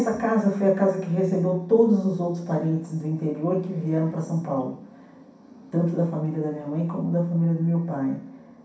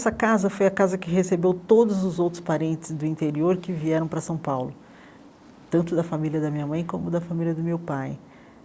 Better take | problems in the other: second | room echo; dies away in 0.6 s

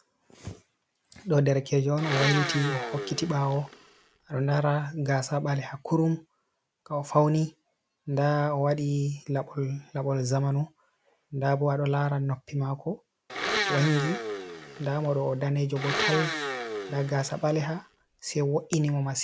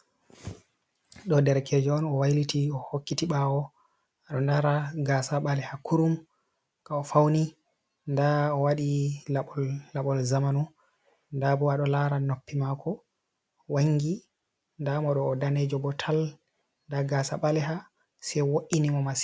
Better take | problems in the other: second | background sound (Domestic sounds, home sounds); 5 dB below the speech

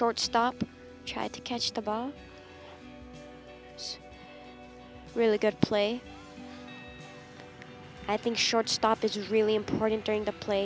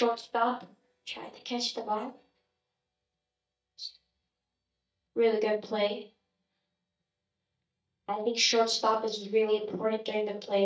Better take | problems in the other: first | noise reduction (neural mask model DeepFilterNet 3)

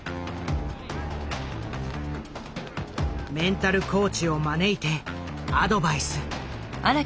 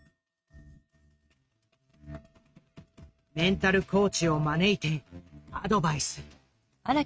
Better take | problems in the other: first | noise reduction (neural mask model RNNoise)

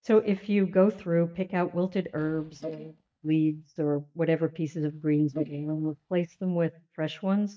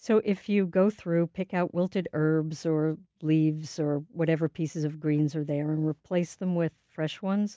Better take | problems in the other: second | noise reduction (neural mask model DeepFilterNet 3)

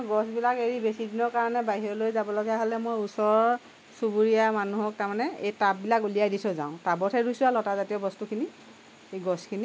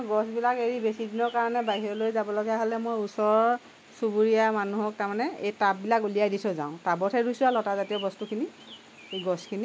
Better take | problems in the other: first | background sound (Bird); 19 dB below the speech

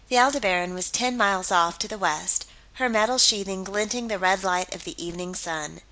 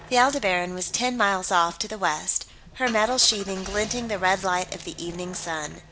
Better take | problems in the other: first | background sound (Engine starting / Car); 18 dB below the speech

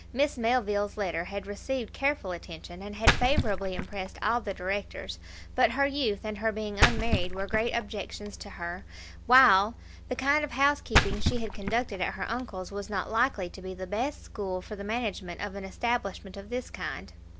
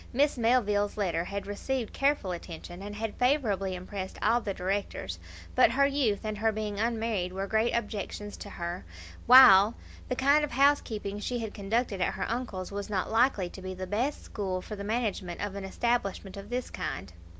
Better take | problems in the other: second | background sound (Splash, splatter); 1 dB below the speech

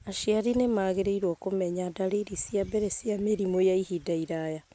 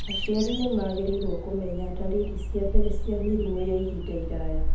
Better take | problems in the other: first | background sound (Bird vocalization, bird call, bird song); 3 dB above the speech // room echo; dies away in 0.6 s

